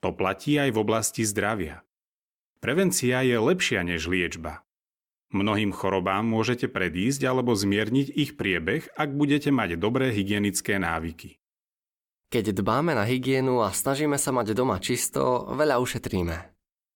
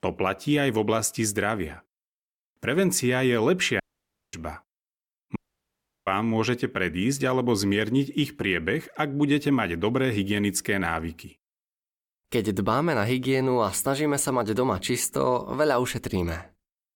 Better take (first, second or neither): first